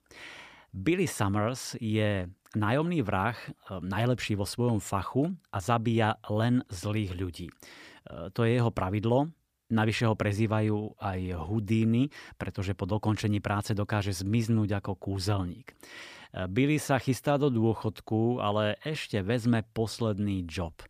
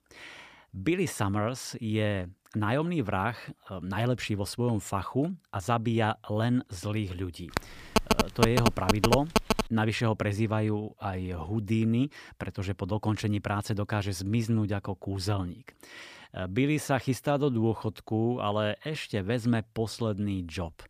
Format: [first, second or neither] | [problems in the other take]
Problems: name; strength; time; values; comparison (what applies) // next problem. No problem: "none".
first | phone ringing; loud; from 7.5 to 9.5 s; peak 4 dB above the speech